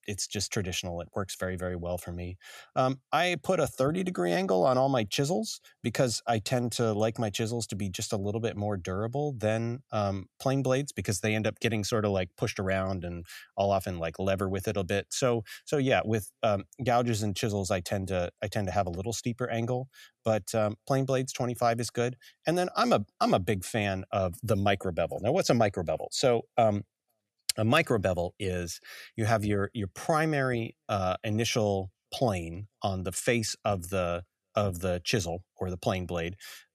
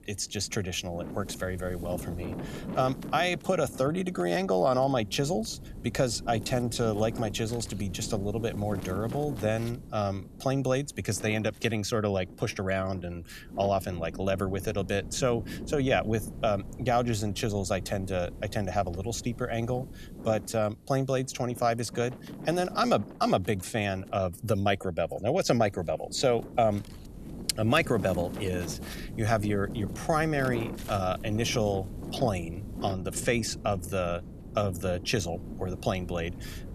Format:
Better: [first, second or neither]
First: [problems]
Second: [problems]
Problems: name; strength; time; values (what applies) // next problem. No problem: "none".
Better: first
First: none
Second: wind noise on the microphone; occasional gusts; 15 dB below the speech